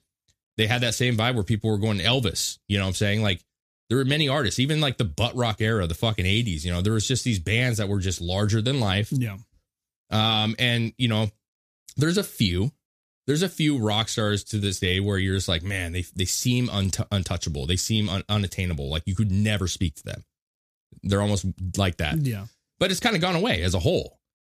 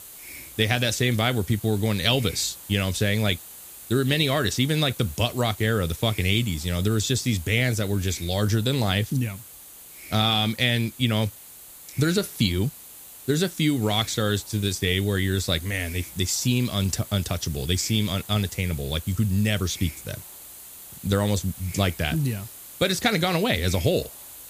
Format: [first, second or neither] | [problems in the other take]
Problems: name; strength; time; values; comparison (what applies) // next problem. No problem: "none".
first | hiss; noticeable; throughout; 15 dB below the speech